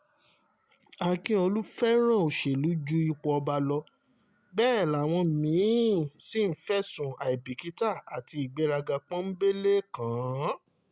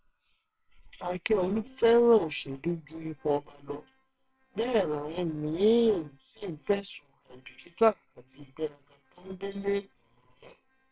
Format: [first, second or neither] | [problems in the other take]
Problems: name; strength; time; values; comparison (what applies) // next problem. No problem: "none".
first | noise reduction (neural separator model SepFormer WHAMR!)